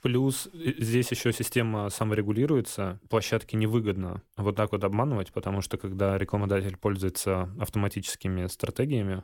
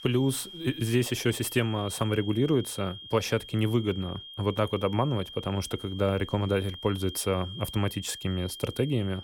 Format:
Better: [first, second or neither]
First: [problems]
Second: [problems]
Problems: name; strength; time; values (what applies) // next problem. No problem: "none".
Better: first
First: none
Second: high-pitched whine; noticeable; throughout; 3 kHz, 10 dB below the speech